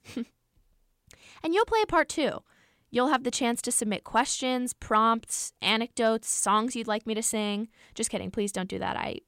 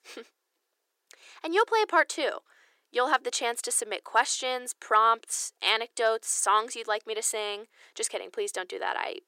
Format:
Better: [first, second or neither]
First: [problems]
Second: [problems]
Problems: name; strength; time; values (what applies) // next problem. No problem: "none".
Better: first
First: none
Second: thin; very; fading below 350 Hz